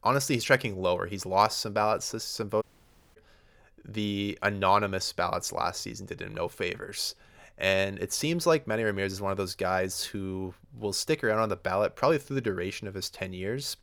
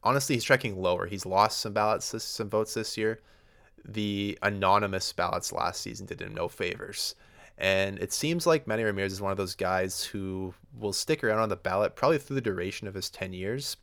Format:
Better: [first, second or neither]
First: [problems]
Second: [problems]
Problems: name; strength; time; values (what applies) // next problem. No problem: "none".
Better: second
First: audio cutting out; at 2.5 s for 0.5 s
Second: none